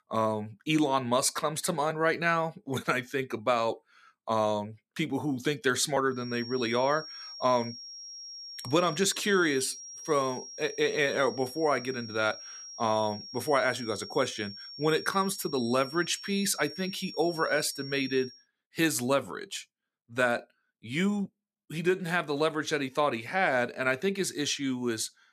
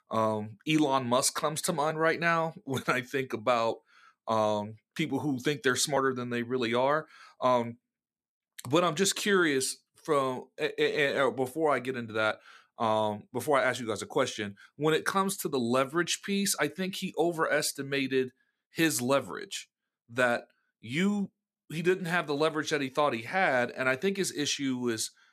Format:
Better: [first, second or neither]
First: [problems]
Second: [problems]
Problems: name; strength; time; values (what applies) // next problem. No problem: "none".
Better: second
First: high-pitched whine; noticeable; from 6 to 18 s; 5.5 kHz, 10 dB below the speech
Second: none